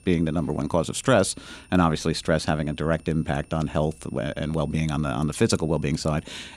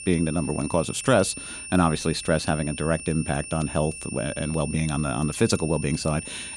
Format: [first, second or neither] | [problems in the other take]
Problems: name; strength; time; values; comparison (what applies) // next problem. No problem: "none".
first | high-pitched whine; loud; throughout; 9 kHz, 10 dB below the speech; faint in the first